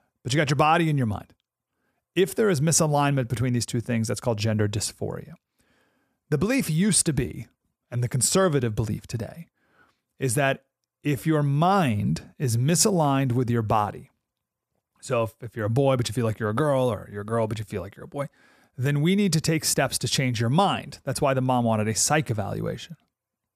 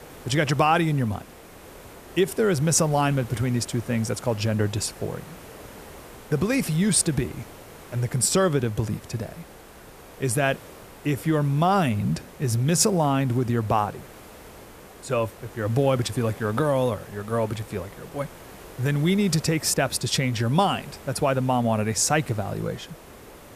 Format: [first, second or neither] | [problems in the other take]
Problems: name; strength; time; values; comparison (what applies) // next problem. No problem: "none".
first | hiss; noticeable; throughout; 20 dB below the speech